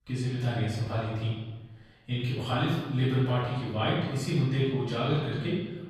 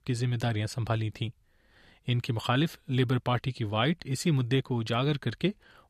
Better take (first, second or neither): second